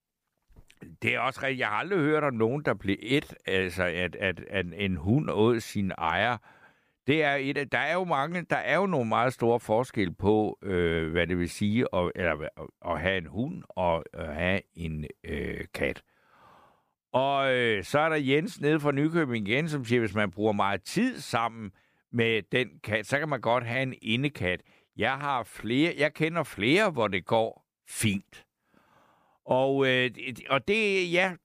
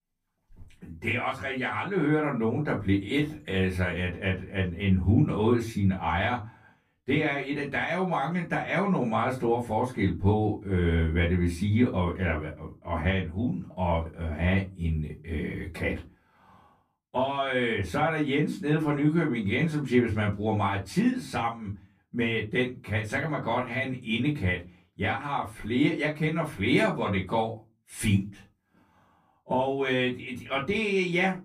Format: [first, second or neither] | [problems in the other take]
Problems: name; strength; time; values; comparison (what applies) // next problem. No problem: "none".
first | off-mic speech; far // room echo; very slight; dies away in 0.3 s